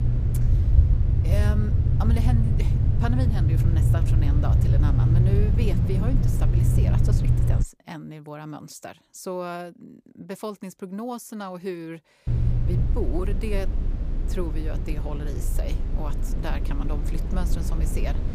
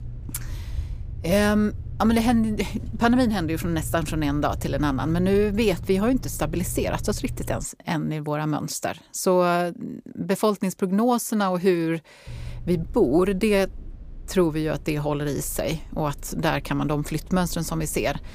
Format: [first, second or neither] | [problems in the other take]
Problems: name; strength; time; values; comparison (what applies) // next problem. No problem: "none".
second | low rumble; loud; until 7.5 s and from 12 s on; 1 dB below the speech; faint in the second